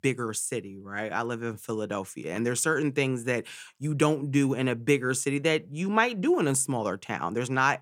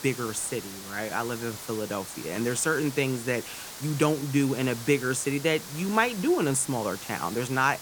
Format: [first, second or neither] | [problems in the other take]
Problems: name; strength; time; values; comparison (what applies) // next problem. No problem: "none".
first | hiss; noticeable; throughout; 10 dB below the speech